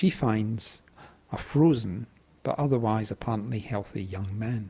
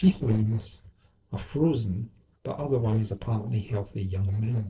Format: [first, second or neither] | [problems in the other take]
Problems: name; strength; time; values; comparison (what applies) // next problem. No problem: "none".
first | noise reduction (neural separator model SepFormer DNS4)